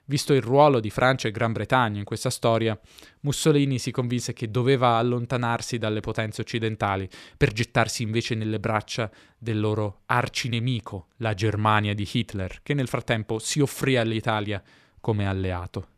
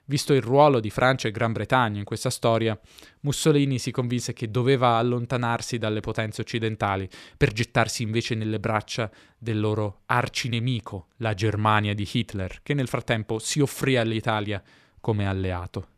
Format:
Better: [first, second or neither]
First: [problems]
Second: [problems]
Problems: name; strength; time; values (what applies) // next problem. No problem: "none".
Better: neither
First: none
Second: none